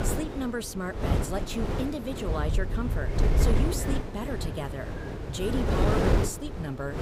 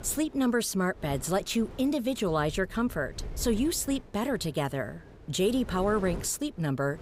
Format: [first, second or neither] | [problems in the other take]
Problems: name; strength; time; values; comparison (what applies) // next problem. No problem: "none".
second | wind noise on the microphone; heavy; 1 dB above the speech; occasional gusts in the second